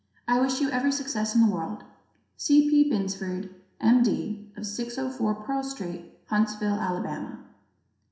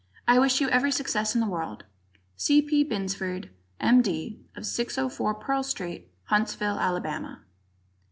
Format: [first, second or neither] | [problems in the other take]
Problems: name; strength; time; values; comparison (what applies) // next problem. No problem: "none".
second | room echo; dies away in 0.7 s